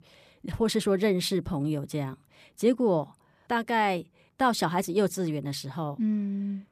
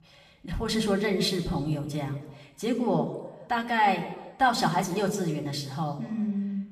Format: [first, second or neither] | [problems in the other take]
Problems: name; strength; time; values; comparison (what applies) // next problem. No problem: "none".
first | room echo; slight; dies away in 1 s // off-mic speech; somewhat distant